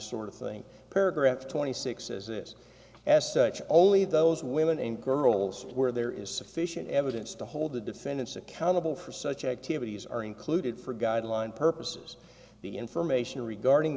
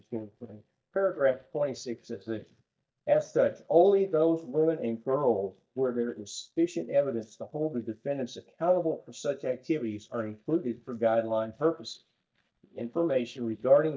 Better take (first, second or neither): first